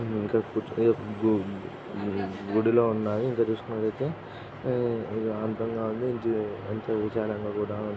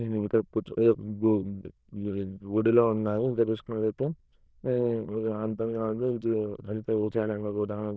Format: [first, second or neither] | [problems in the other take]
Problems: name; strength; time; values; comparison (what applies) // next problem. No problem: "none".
first | noise reduction (neural diffusion model UNIVERSE++)